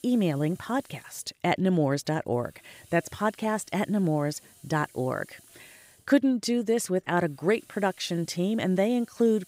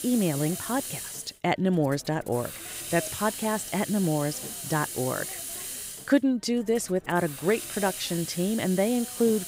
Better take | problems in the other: first | hiss; loud; throughout; 7 dB below the speech; faint in the first

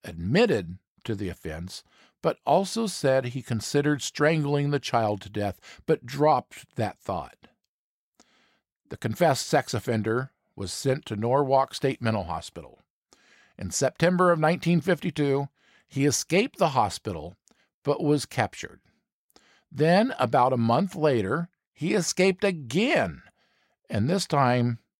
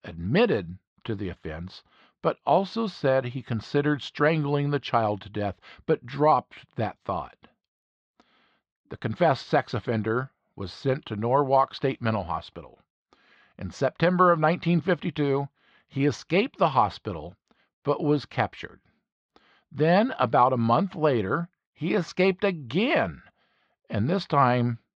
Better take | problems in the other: first | muffled; slightly; fading above 4 kHz

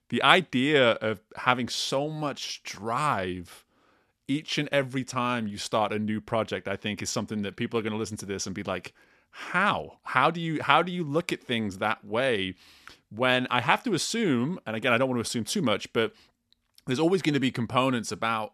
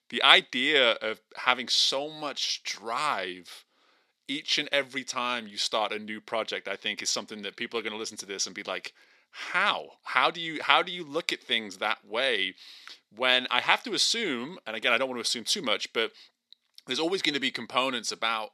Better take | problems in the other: first | thin; somewhat; fading below 350 Hz

